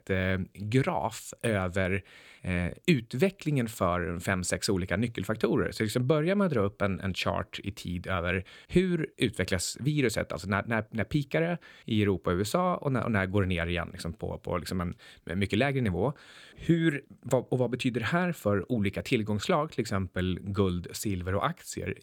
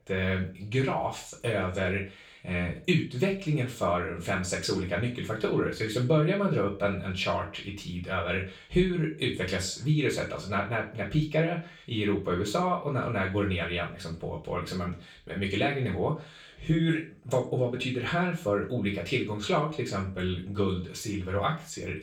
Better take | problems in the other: first | room echo; slight; dies away in 0.3 s // off-mic speech; far

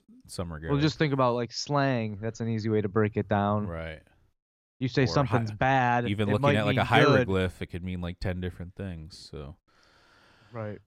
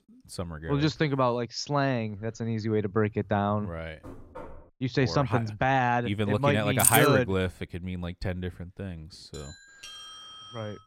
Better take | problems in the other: first | door banging; faint; at 4 s; peak 15 dB below the speech // jangling keys; loud; at 7 s; peak 4 dB above the speech // doorbell; faint; from 9.5 s on; peak 15 dB below the speech

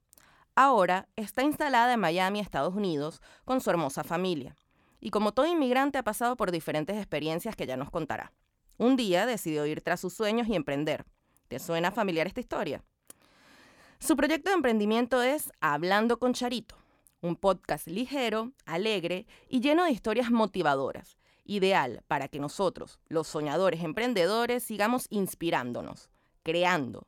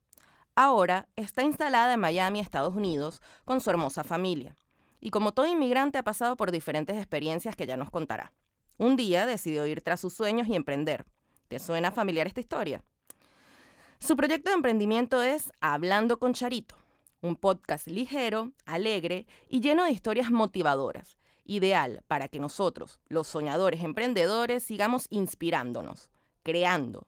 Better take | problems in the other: first | garbled, watery; slightly; nothing above 19 kHz

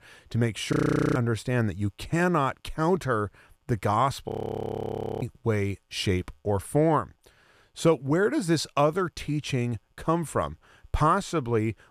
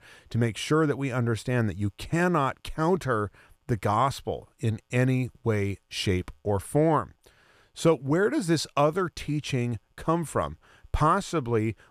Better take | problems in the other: second | audio freezing; at 0.5 s and at 4.5 s for 1 s

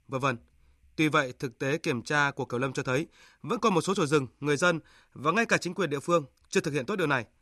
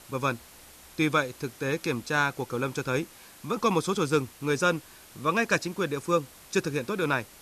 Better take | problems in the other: first | hiss; faint; throughout; 20 dB below the speech

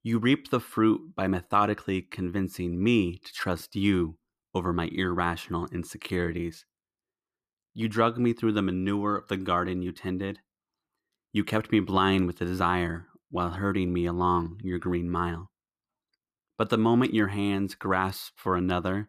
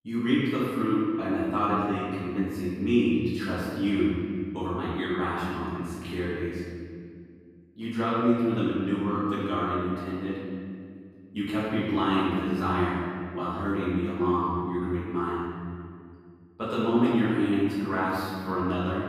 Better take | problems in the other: first | room echo; strong; dies away in 2 s // off-mic speech; far

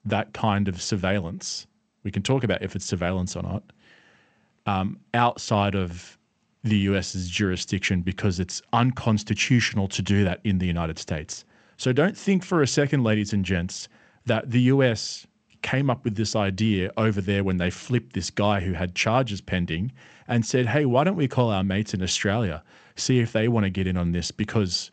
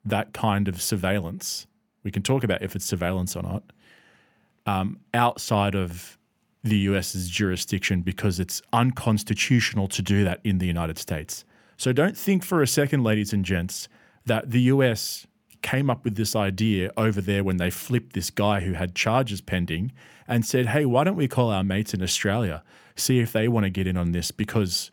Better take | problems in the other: second | garbled, watery; slightly; nothing above 8 kHz

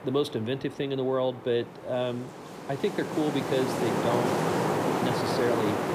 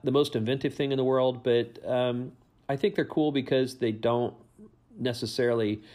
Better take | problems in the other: second | wind noise on the microphone; heavy; 2 dB above the speech

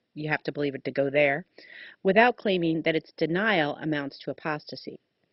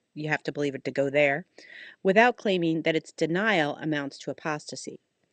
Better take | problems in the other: second | garbled, watery; badly; nothing above 5.5 kHz; slightly in the second

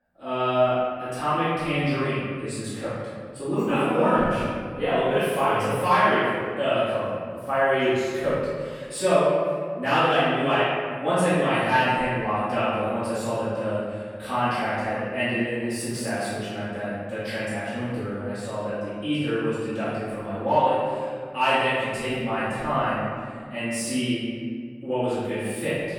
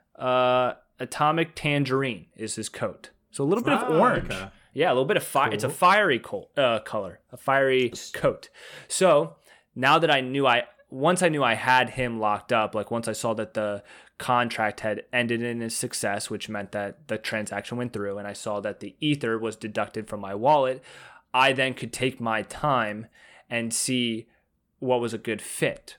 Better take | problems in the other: second | off-mic speech; far // room echo; strong; dies away in 1.9 s

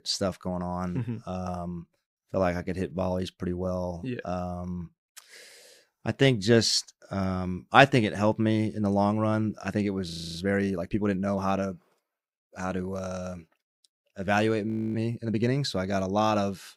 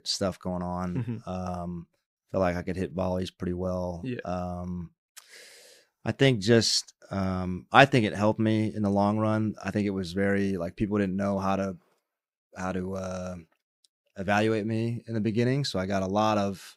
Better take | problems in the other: second | audio freezing; at 10 s and at 15 s

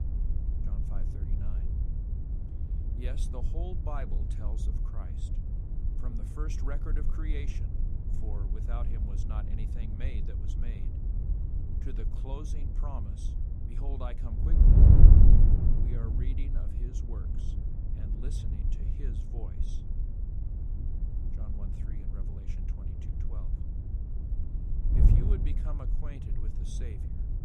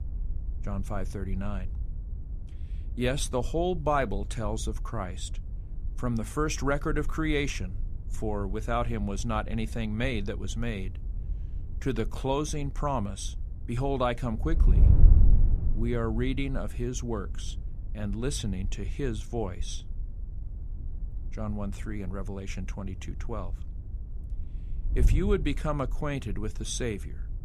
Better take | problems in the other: second | wind noise on the microphone; heavy; 3 dB above the speech; occasional gusts in the second

